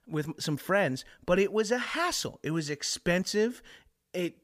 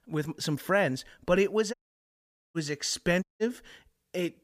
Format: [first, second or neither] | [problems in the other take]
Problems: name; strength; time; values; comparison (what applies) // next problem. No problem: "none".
first | audio cutting out; at 1.5 s for 1 s and at 3 s